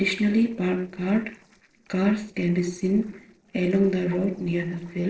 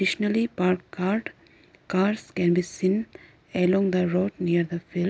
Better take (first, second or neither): second